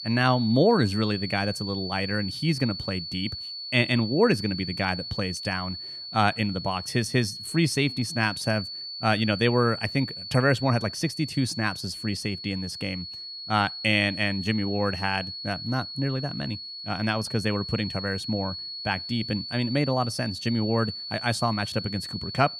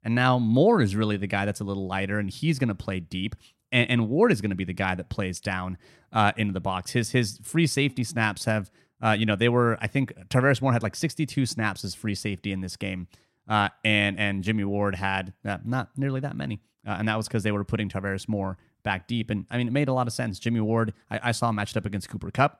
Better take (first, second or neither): second